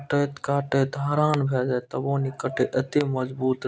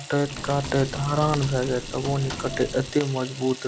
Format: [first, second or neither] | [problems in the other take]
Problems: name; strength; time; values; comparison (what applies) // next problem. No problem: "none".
first | background sound (Computer keyboard + Sink (filling or washing) / Water tap, faucet); 10 dB below the speech